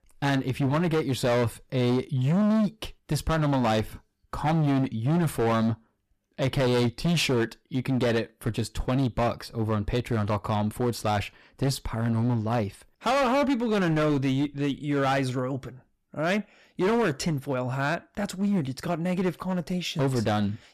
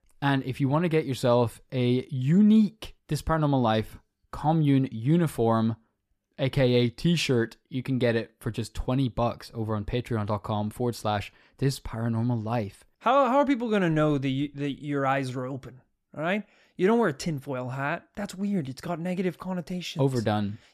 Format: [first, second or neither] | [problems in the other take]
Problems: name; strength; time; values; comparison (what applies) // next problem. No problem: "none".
second | distortion; heavy; 15% of the sound clipped